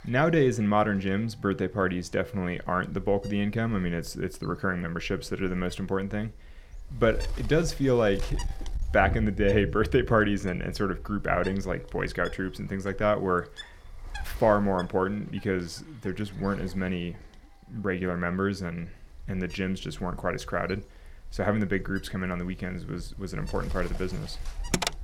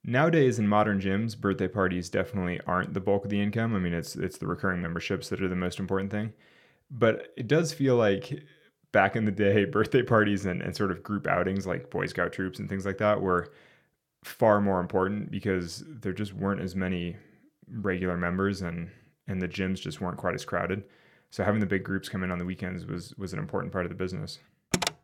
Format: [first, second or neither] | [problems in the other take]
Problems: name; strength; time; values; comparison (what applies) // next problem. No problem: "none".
second | wind noise on the microphone; occasional gusts; 20 dB below the speech